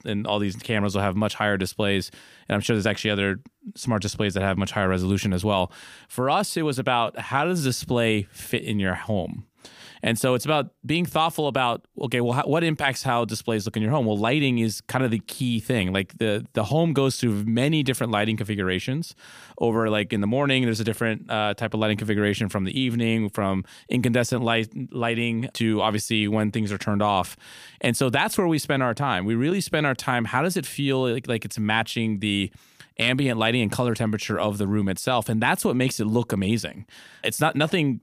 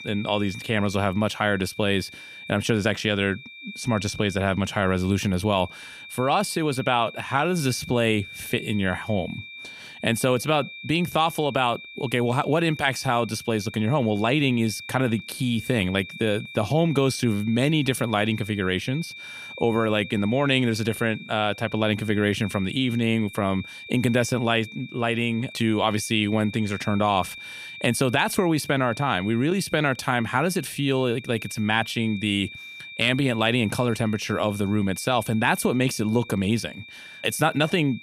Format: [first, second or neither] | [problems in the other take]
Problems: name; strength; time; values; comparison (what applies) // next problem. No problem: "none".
first | high-pitched whine; noticeable; throughout; 2.5 kHz, 15 dB below the speech